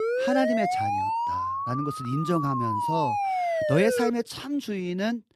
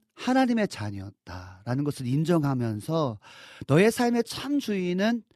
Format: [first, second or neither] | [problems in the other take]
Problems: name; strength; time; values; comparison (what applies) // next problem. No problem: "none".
second | siren; loud; until 4 s; peak 2 dB above the speech